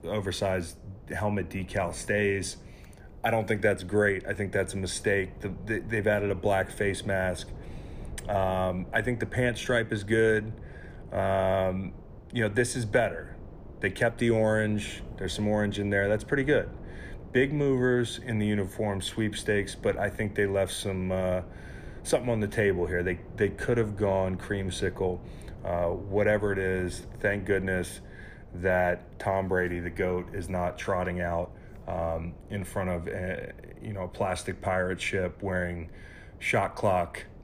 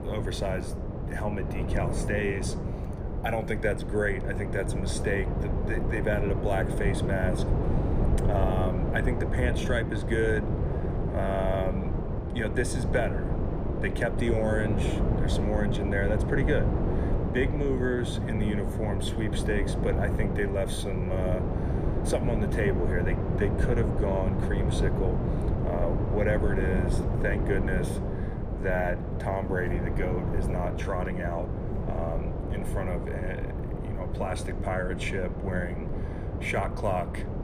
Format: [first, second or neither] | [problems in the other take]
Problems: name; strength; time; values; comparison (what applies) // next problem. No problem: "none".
first | wind noise on the microphone; heavy; 4 dB below the speech; occasional gusts in the first